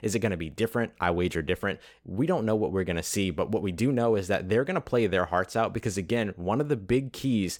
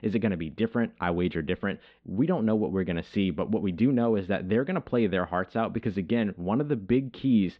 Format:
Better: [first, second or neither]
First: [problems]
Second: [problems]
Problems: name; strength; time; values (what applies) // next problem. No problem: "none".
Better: first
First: none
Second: muffled; very; fading above 4 kHz